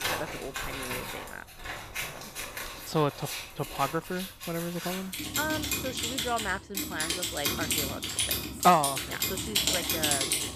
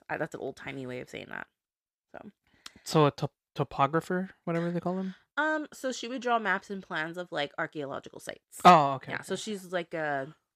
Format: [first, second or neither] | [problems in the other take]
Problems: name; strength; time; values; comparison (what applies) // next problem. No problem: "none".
second | household noises; very loud; throughout; 1 dB above the speech